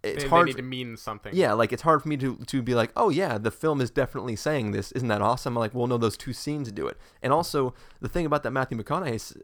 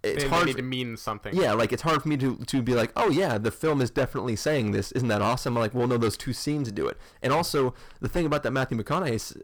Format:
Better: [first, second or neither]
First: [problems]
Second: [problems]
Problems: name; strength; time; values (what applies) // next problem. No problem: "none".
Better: first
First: none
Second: distortion; heavy; 10% of the sound clipped